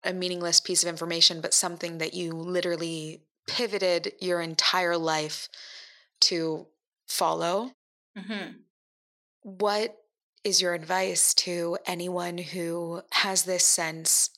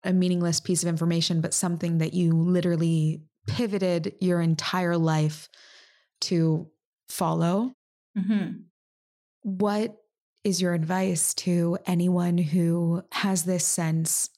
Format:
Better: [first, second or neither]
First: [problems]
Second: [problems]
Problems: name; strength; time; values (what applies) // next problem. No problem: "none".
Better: second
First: thin; very; fading below 500 Hz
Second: none